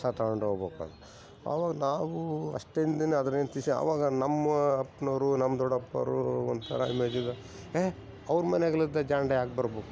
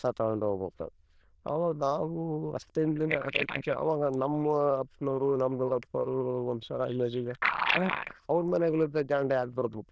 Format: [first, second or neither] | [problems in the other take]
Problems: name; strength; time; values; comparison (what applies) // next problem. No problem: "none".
first | noise reduction (neural diffusion model UNIVERSE++)